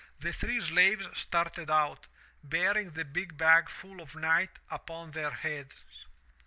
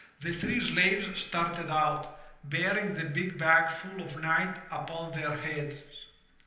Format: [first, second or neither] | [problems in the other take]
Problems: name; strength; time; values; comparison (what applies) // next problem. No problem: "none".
first | room echo; dies away in 0.9 s